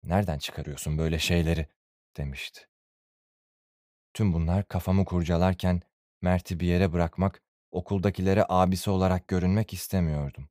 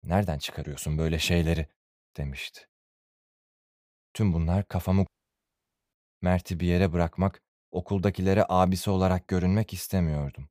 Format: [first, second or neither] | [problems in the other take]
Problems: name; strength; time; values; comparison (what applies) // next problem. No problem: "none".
first | audio cutting out; at 5 s for 1 s